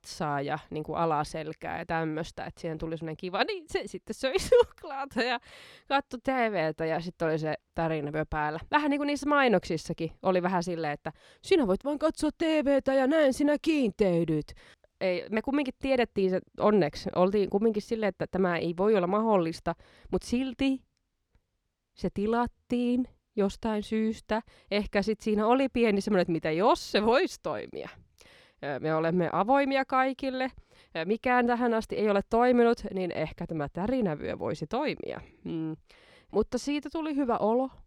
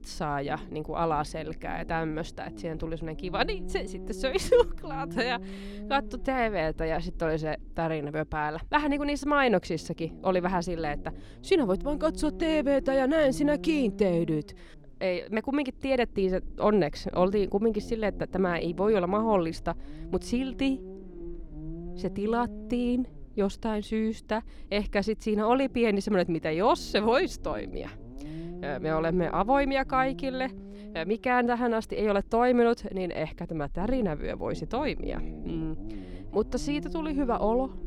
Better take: first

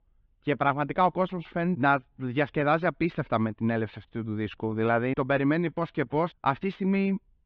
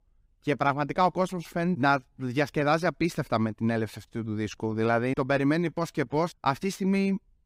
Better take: second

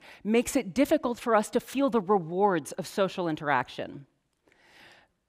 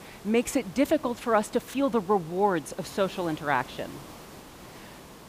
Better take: first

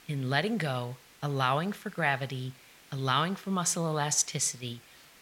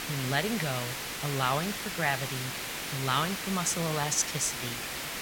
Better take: first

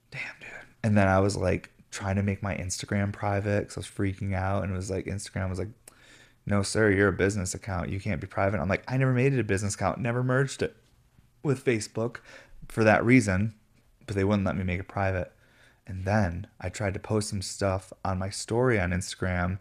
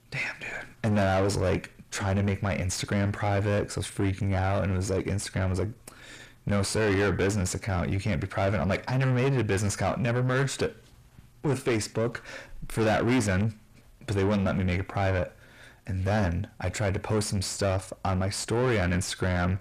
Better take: first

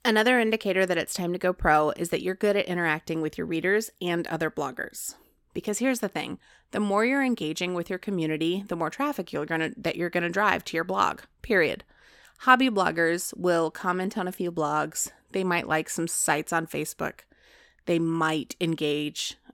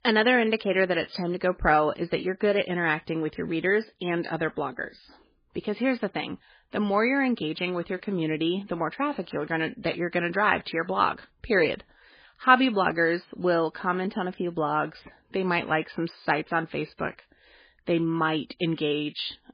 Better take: first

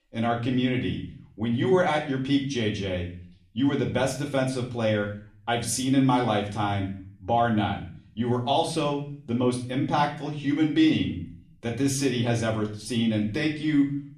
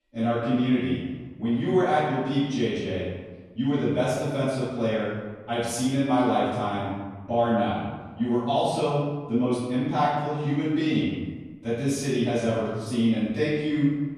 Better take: first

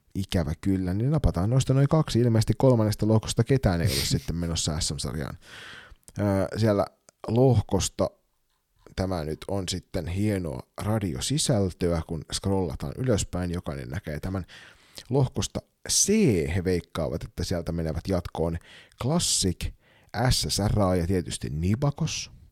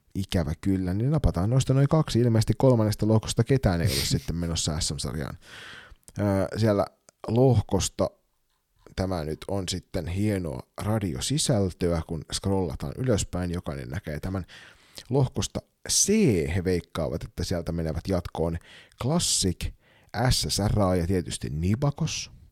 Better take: neither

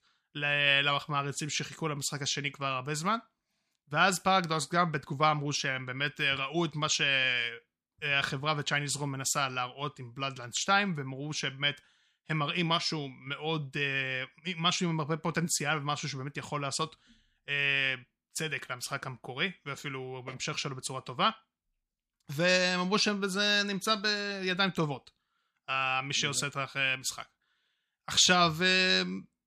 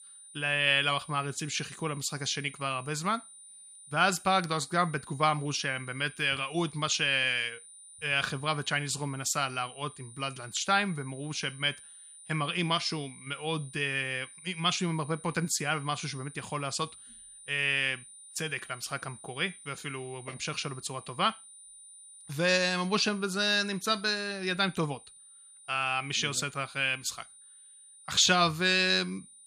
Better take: first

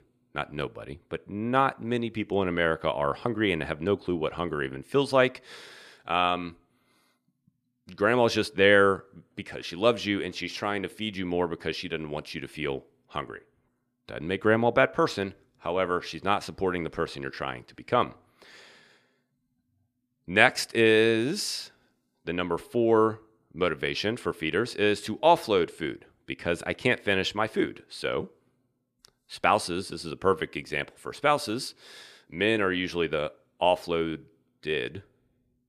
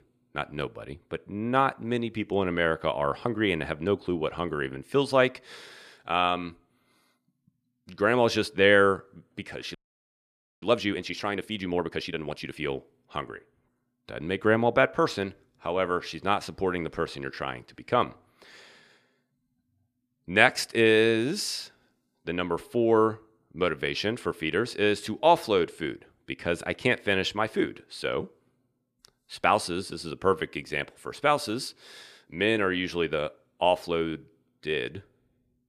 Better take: first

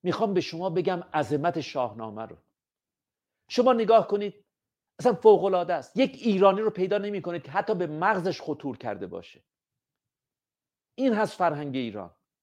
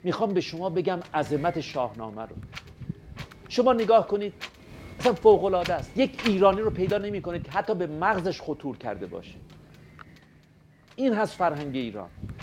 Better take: first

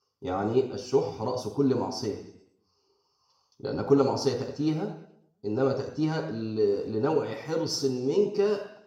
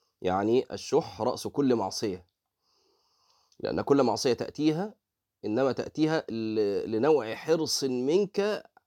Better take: second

